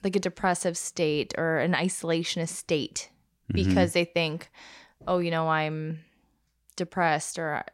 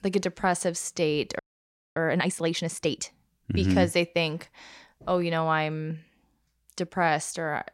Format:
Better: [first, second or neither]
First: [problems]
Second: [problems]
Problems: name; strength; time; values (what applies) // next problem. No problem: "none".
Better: first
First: none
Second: audio freezing; at 1.5 s for 0.5 s